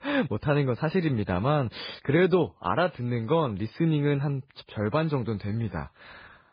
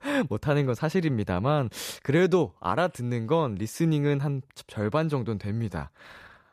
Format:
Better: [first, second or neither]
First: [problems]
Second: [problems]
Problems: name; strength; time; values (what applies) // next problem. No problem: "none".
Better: second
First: garbled, watery; badly; nothing above 4.5 kHz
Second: none